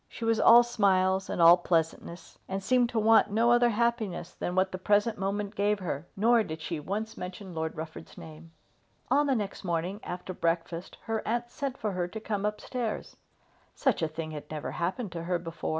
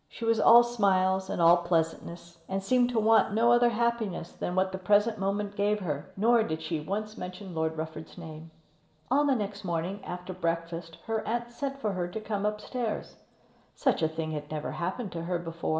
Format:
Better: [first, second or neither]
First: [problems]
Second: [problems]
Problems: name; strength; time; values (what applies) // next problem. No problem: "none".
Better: first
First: none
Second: room echo; dies away in 2 s